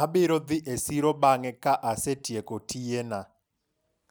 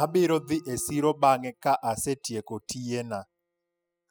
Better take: first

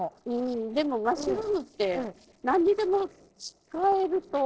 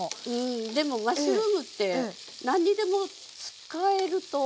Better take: second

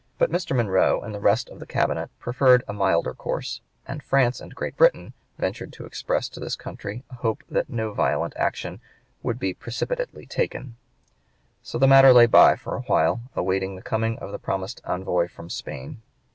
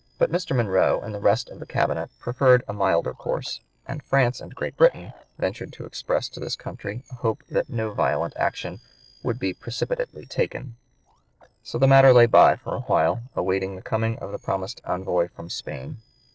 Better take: first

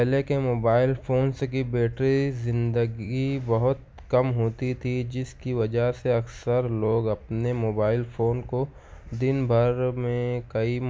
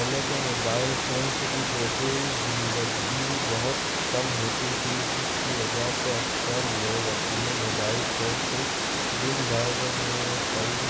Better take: first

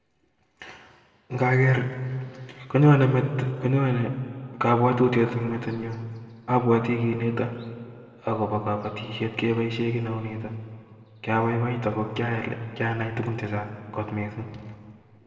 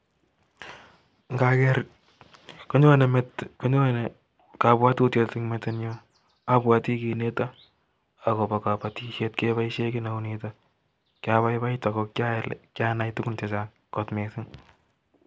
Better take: second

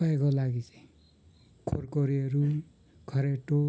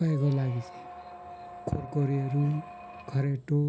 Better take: first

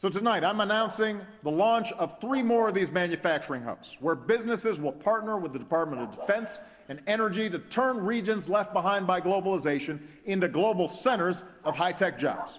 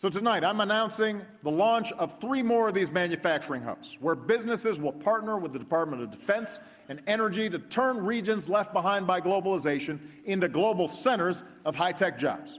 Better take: second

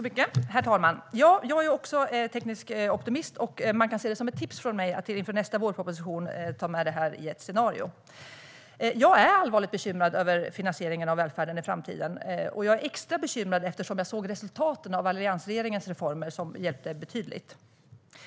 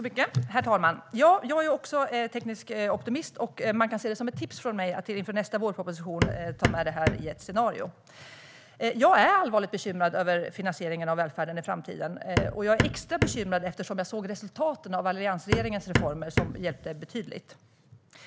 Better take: first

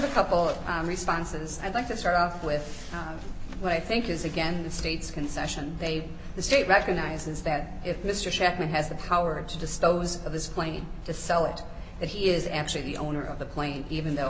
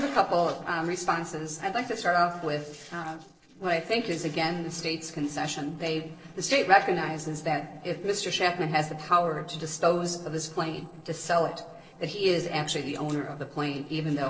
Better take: first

